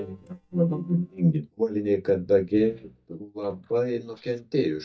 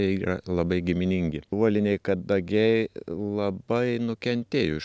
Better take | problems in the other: second | noise reduction (neural mask model DeepFilterNet 3)

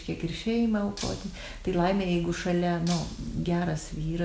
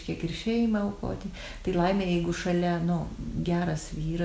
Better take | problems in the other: second | background sound (Shatter); 16 dB below the speech

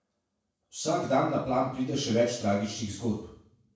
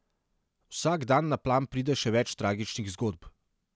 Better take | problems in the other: second | room echo; dies away in 0.6 s

